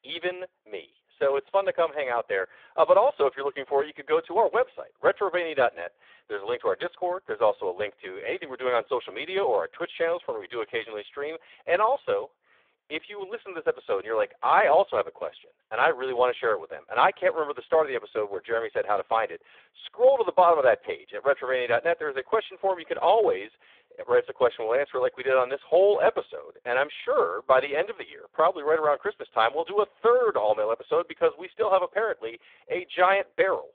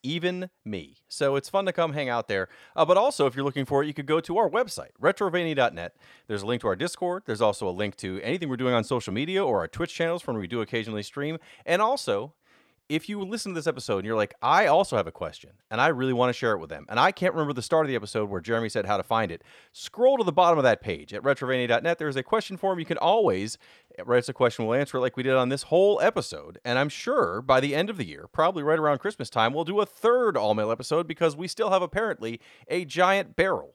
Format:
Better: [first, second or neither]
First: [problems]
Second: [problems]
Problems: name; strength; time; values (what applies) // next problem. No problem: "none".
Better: second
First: phone-call audio; poor line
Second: none